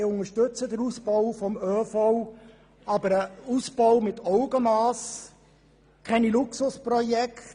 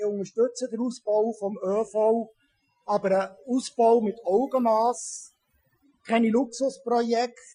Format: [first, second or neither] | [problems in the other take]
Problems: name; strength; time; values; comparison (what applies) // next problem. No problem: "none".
first | noise reduction (classical method Wiener filter)